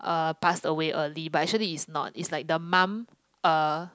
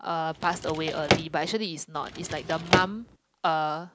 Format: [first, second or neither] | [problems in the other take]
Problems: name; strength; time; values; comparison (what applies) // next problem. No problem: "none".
first | background sound (Drawer open or close); as loud as the speech